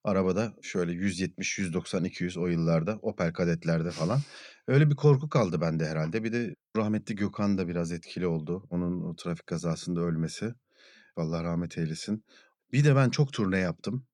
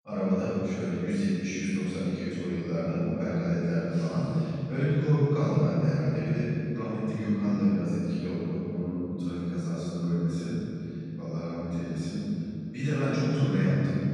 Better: first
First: none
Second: room echo; strong; dies away in 3 s // off-mic speech; far

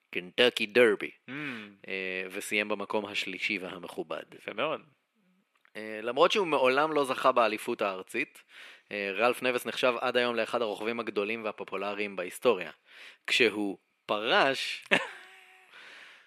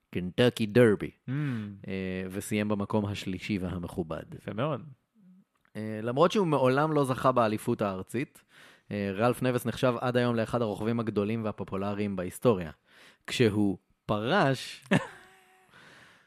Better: second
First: thin; somewhat; fading below 400 Hz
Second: none

